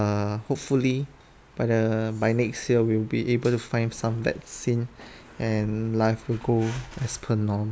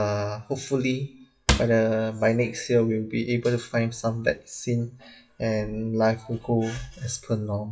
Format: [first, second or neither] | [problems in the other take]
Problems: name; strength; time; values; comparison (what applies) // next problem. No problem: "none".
first | noise reduction (classical method WPE with log-MMSE)